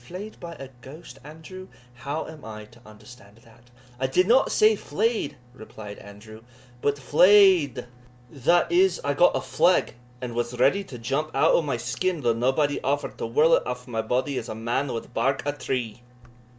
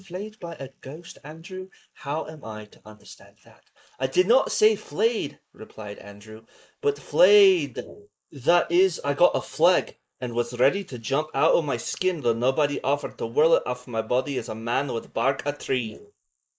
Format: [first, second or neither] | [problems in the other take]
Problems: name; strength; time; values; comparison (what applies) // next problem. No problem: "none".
first | noise reduction (neural mask model Resemble Enhance denoiser)